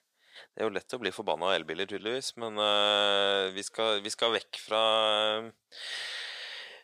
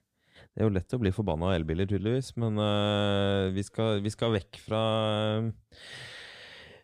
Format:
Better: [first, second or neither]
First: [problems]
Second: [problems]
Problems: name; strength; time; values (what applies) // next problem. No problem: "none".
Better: second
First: thin; very; fading below 650 Hz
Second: none